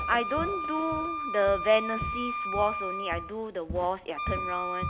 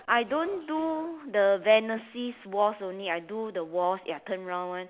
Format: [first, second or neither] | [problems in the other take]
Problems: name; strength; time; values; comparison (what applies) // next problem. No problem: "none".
second | background sound (Walk, footsteps + Wind instrument, woodwind instrument); 3 dB below the speech